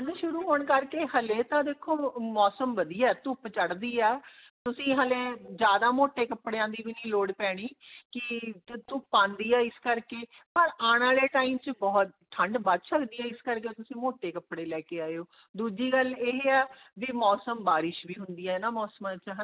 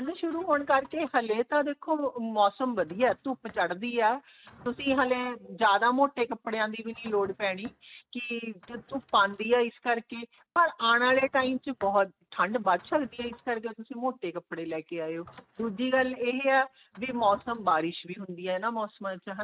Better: first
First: none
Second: noise reduction (neural mask model RNNoise)

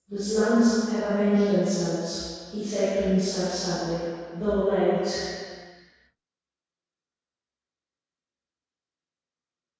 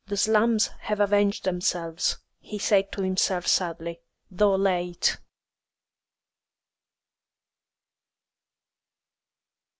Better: second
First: room echo; dies away in 2 s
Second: none

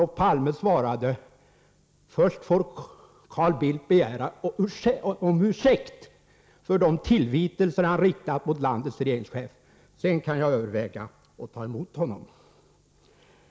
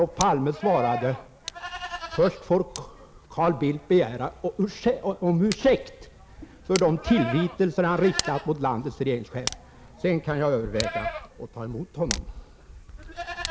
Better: first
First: none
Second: background sound (Livestock, farm animals, working animals + Tick); 10 dB below the speech

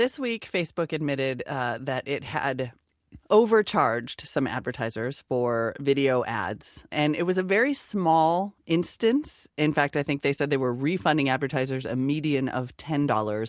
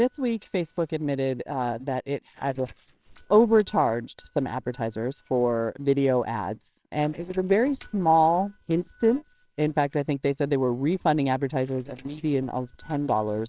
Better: first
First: none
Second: noise reduction (neural separator model SepFormer WHAMR!)

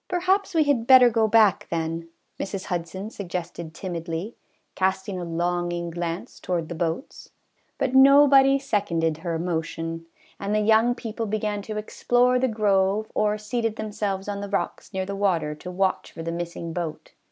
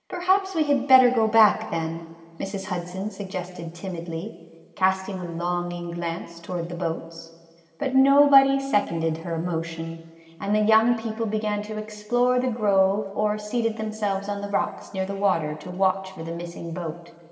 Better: first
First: none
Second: room echo; dies away in 2.1 s

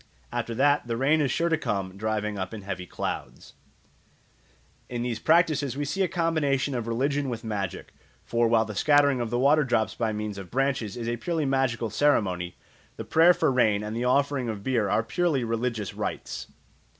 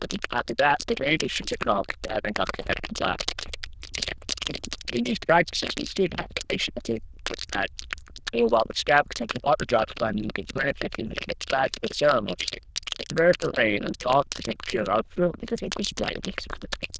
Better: first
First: none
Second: noise reduction (neural diffusion model UNIVERSE++)

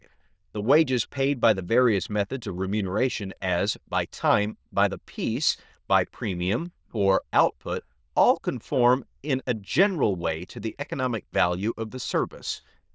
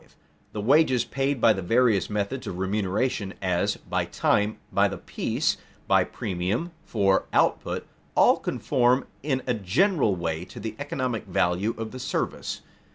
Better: second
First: noise reduction (neural diffusion model UNIVERSE++)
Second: none

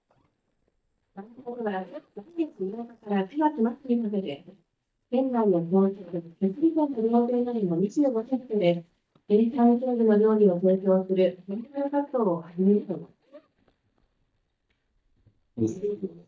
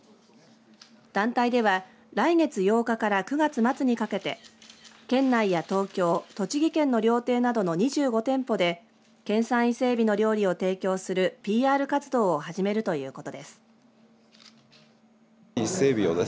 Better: second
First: noise reduction (neural mask model DeepFilterNet 3)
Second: none

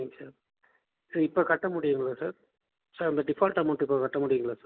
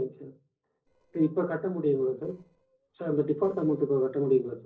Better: first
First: none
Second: noise reduction (neural separator model SepFormer DNS4)

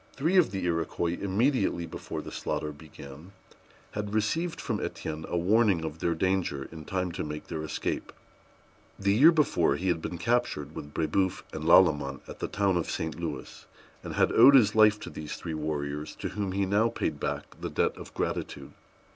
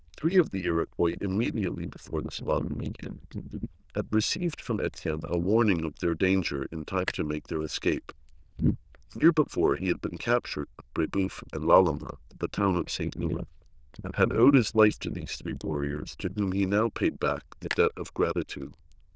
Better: first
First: none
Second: noise reduction (neural diffusion model UNIVERSE++)

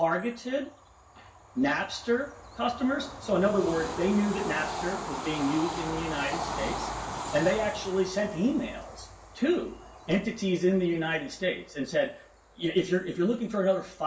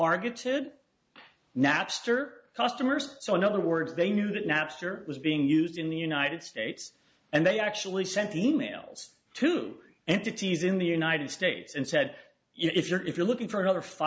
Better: second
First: background sound (Train / Bird vocalization, bird call, bird song); 10 dB below the speech // room echo; dies away in 0.2 s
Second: none

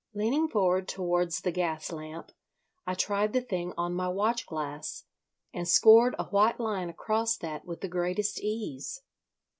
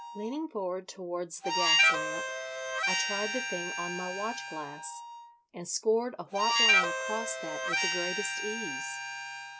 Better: first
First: none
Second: background sound (Harmonica); 4 dB above the speech

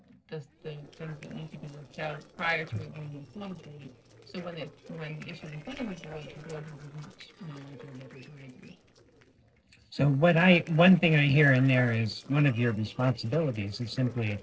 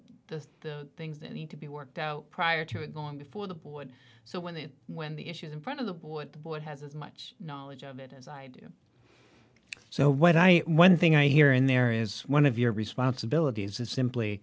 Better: second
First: noise reduction (neural separator model SepFormer DNS4)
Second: none

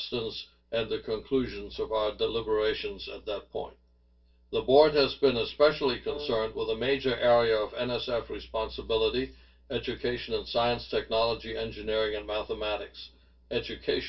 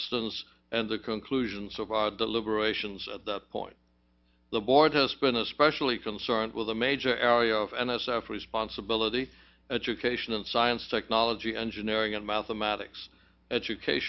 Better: second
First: noise reduction (neural separator model SepFormer DNS4)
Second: none

